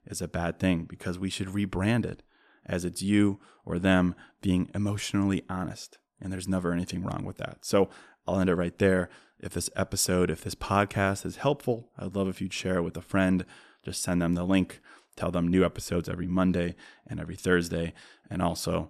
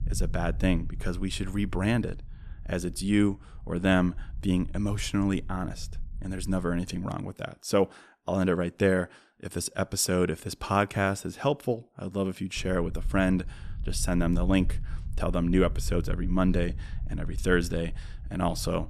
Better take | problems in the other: first | low rumble; faint; until 7 s and from 13 s on; 25 dB below the speech

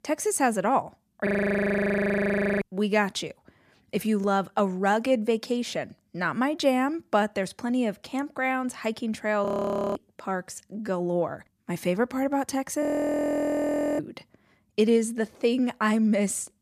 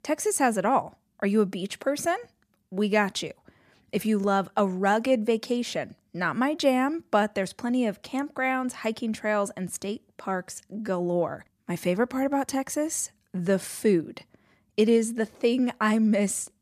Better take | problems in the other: second | audio freezing; at 1.5 s for 1.5 s, at 9.5 s for 0.5 s and at 13 s for 1 s

